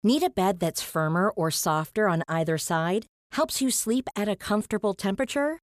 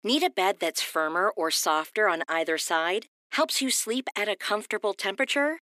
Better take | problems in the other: first | thin; somewhat; fading below 250 Hz

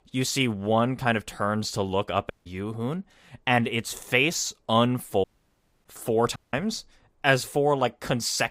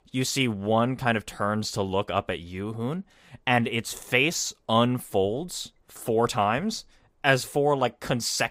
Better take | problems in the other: second | audio cutting out; at 2.5 s, at 5 s for 0.5 s and at 6.5 s

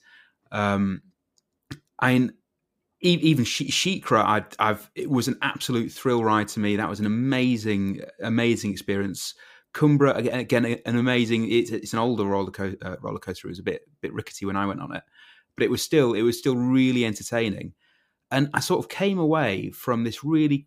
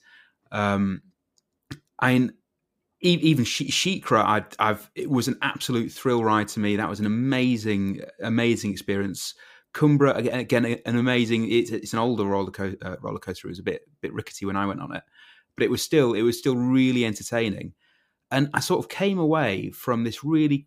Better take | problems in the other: neither | none

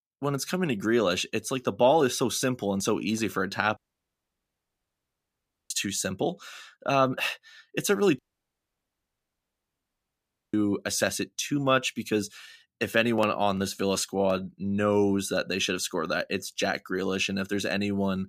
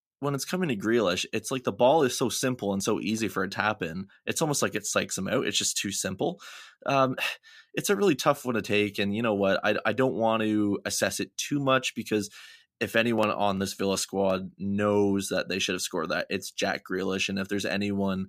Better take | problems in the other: second | audio cutting out; at 4 s for 2 s and at 8 s for 2.5 s

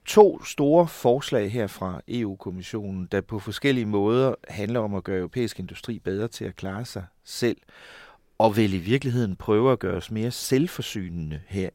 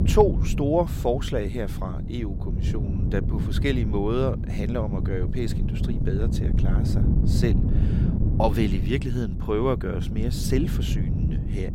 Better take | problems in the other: first | wind noise on the microphone; heavy; 8 dB below the speech

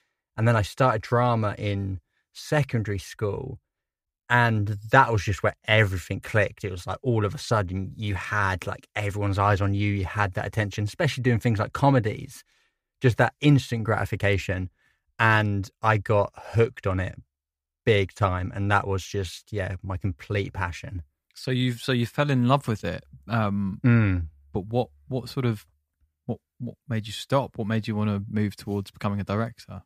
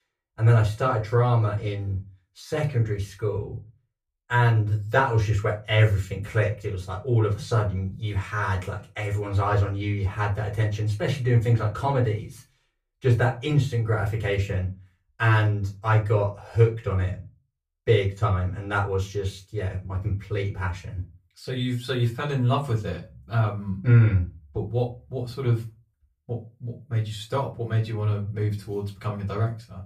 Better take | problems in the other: first | off-mic speech; far // room echo; very slight; dies away in 0.2 s

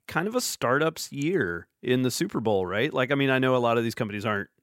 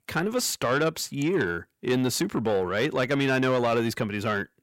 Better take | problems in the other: first | distortion; slight; 10 dB below the speech

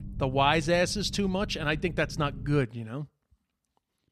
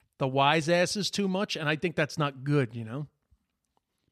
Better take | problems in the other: second | low rumble; faint; until 2.5 s; 25 dB below the speech

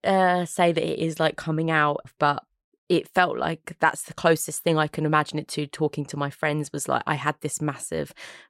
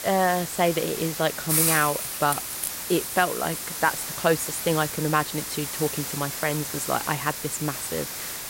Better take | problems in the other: first | hiss; loud; throughout; 2 dB below the speech

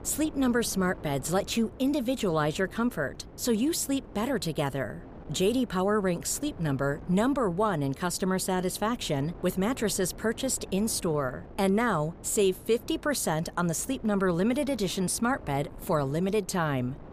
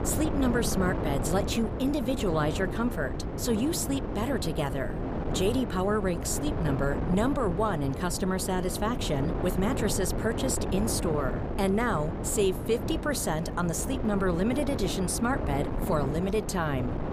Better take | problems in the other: first | wind noise on the microphone; heavy; 6 dB below the speech; occasional gusts in the first

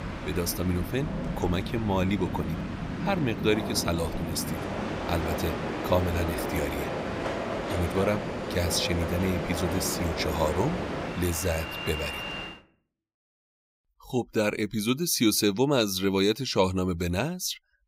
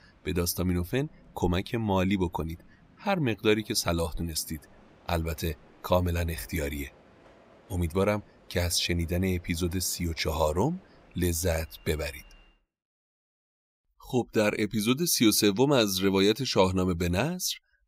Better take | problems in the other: second | train or aircraft noise; loud; until 13 s; 4 dB below the speech; faint in the second

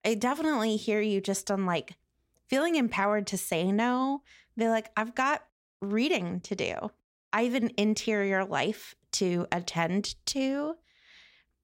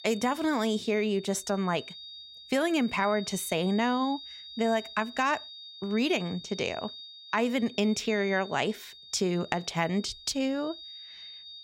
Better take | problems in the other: first | high-pitched whine; noticeable; throughout; 3.5 kHz, 15 dB below the speech

